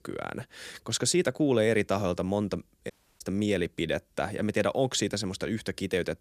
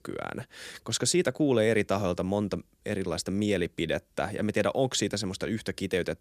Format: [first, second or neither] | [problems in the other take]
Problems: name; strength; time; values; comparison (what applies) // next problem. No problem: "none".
second | audio cutting out; at 3 s